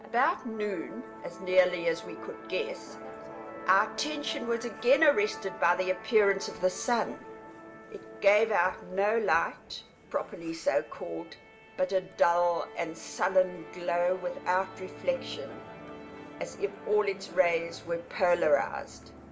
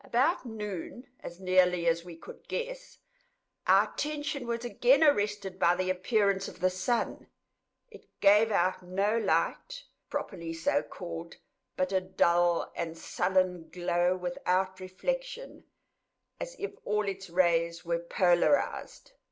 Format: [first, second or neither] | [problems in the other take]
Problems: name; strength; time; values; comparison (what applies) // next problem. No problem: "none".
second | background sound (Musical instrument); 15 dB below the speech // room echo; dies away in 0.2 s